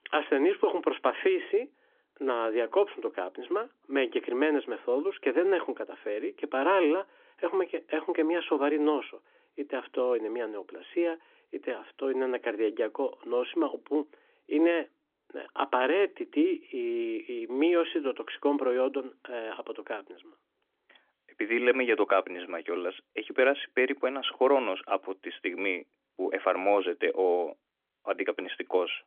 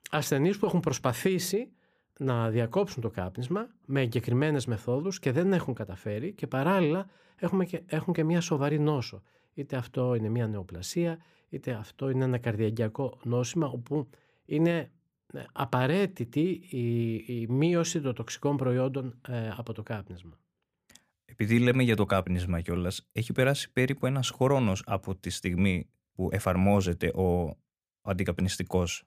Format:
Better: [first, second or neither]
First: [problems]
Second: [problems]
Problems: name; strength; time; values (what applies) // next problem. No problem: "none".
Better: second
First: phone-call audio; nothing above 3.5 kHz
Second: none